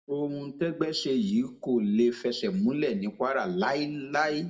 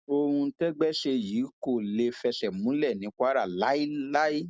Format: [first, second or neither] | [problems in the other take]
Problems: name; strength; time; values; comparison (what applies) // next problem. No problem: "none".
second | room echo; dies away in 0.5 s